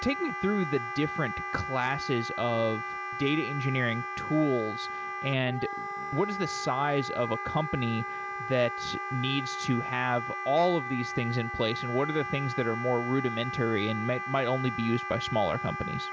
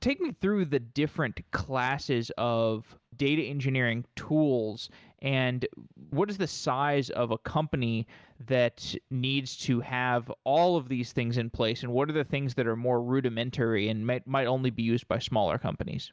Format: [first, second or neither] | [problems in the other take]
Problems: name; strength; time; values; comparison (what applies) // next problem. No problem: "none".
second | background sound (Wind instrument, woodwind instrument); 5 dB below the speech